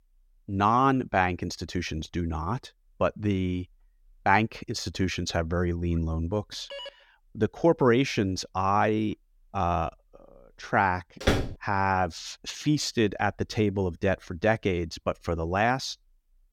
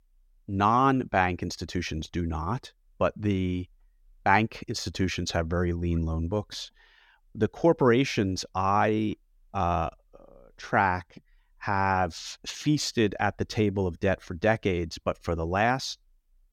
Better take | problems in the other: second | phone ringing; faint; at 6.5 s; peak 15 dB below the speech // door banging; loud; at 11 s; peak level with the speech

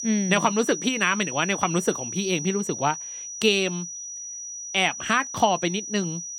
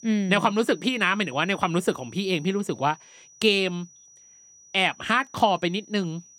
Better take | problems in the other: second | high-pitched whine; loud; throughout; 6 kHz, 8 dB below the speech; faint in the second

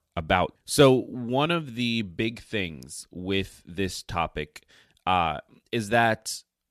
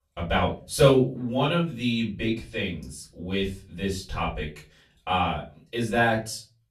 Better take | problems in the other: first | room echo; slight; dies away in 0.3 s // off-mic speech; far

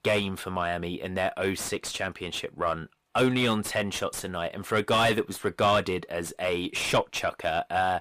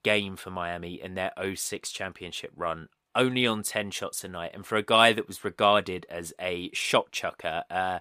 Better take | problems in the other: second | distortion; heavy; 6 dB below the speech

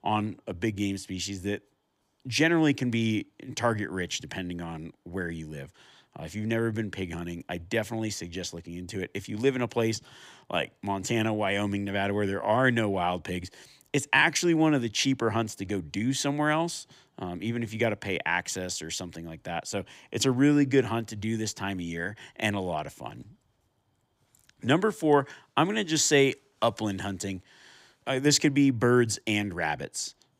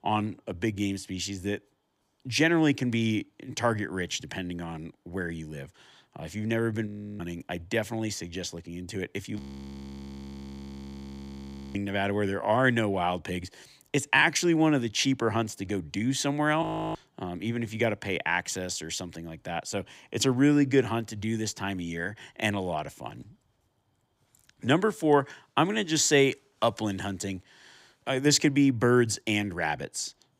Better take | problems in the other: first | audio freezing; at 7 s, at 9.5 s for 2.5 s and at 17 s

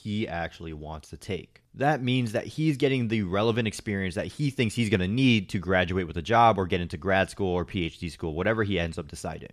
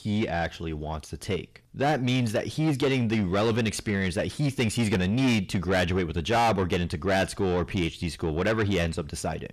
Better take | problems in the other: first | distortion; heavy; 8 dB below the speech

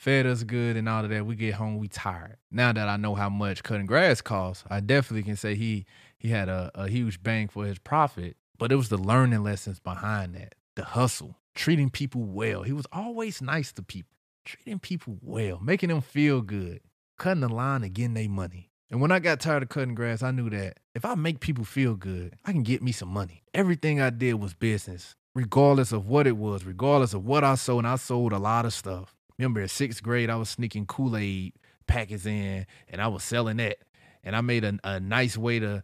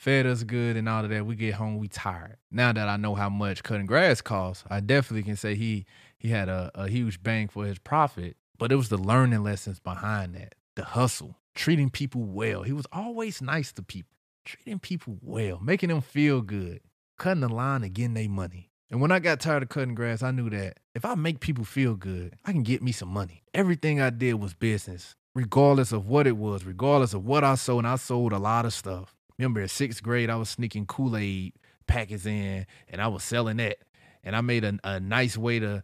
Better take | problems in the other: neither | none

